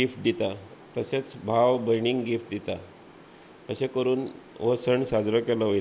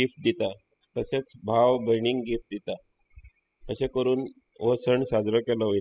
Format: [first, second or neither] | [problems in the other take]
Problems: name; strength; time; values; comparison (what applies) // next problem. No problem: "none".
first | noise reduction (classical method spectral subtraction)